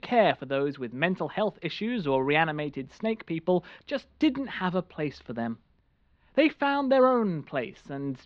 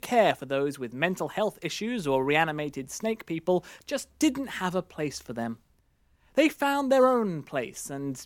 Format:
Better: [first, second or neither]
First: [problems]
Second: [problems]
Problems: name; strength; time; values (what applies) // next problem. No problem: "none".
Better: second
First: muffled; slightly; fading above 4 kHz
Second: none